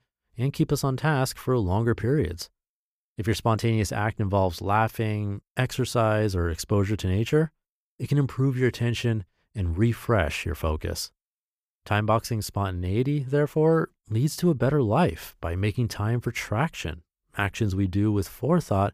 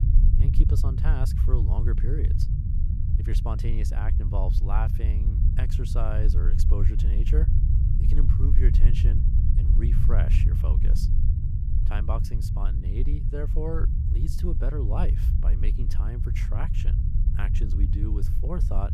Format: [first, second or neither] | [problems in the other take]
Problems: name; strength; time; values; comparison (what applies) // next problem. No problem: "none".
first | low rumble; loud; throughout; 3 dB below the speech